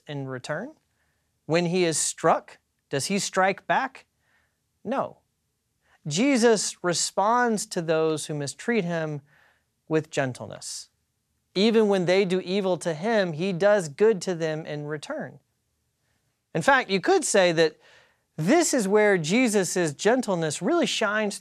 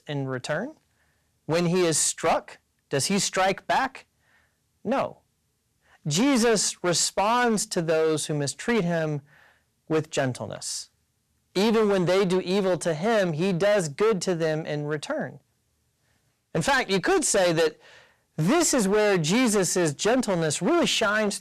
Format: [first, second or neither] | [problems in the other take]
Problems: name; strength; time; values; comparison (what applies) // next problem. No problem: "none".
first | distortion; heavy; 12% of the sound clipped